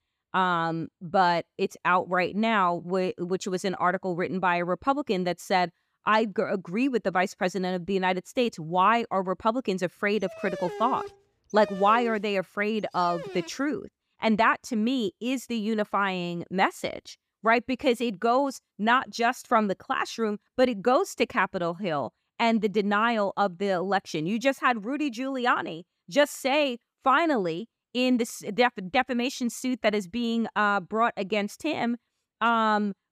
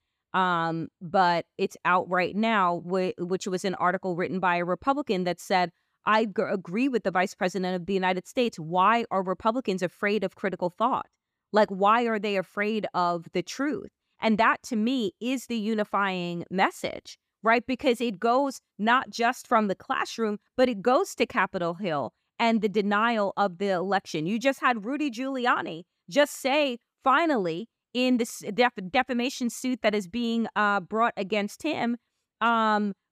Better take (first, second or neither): second